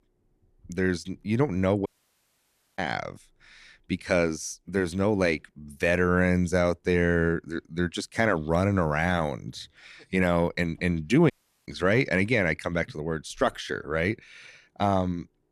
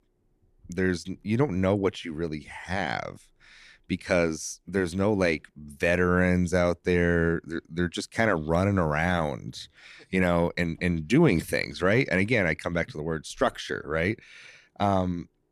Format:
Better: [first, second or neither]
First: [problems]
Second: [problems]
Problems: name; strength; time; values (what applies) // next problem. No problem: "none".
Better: second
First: audio cutting out; at 2 s for 1 s and at 11 s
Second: none